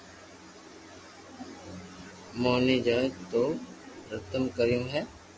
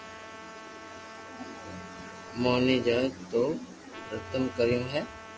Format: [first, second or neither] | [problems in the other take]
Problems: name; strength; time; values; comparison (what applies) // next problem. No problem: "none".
first | background sound (Trumpet); 15 dB below the speech